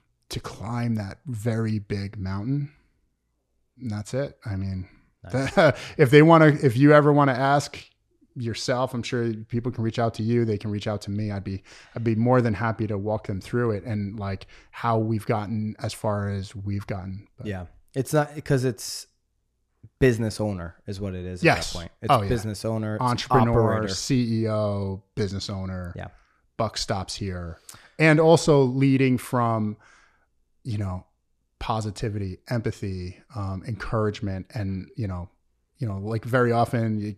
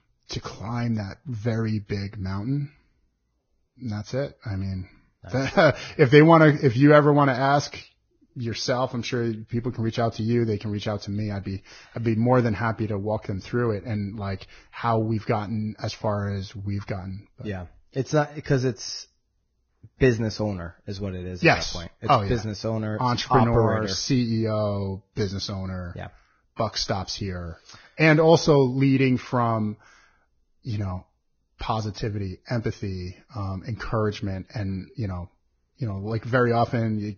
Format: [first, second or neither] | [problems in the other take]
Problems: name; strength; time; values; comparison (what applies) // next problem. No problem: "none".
first | garbled, watery; badly; nothing above 6.5 kHz